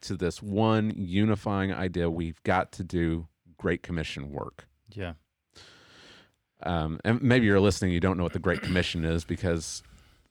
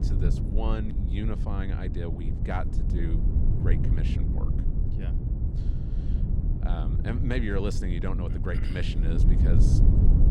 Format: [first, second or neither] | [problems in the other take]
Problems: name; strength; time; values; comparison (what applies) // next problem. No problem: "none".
first | low rumble; loud; throughout; 3 dB below the speech